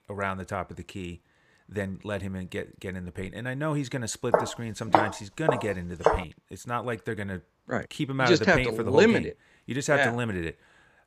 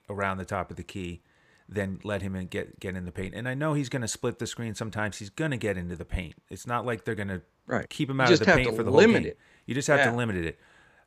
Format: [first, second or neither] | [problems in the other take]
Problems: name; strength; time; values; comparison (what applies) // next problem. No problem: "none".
second | footsteps; loud; from 4.5 to 6 s; peak 4 dB above the speech